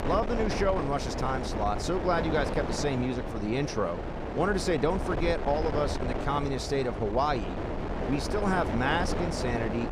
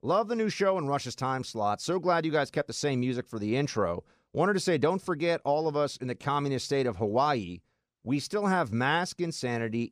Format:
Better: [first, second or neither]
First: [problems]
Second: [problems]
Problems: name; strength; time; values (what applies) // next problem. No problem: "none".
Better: second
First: wind noise on the microphone; heavy; 5 dB below the speech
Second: none